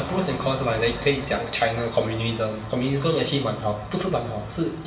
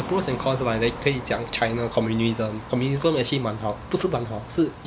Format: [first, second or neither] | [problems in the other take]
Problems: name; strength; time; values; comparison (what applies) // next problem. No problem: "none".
second | room echo; dies away in 1 s